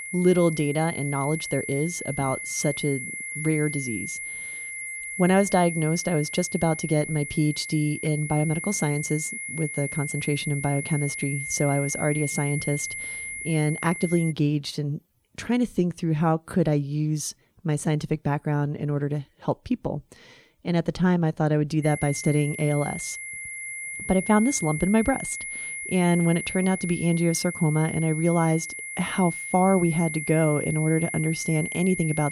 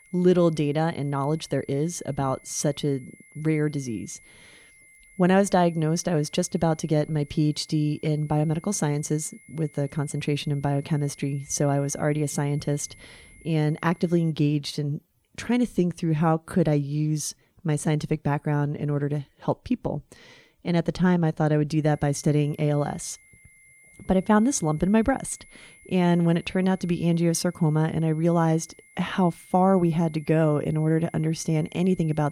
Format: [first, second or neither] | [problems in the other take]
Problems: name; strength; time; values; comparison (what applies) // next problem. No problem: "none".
second | high-pitched whine; loud; until 14 s and from 22 s on; 2 kHz, 7 dB below the speech; faint in the second